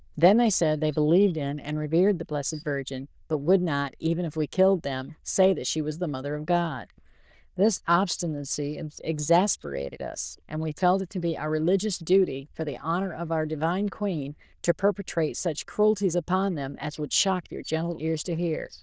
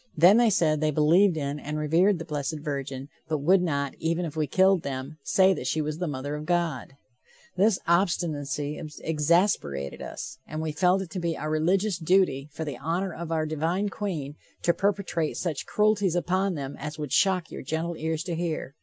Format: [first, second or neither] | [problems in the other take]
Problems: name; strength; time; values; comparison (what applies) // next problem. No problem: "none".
second | noise reduction (neural diffusion model UNIVERSE++)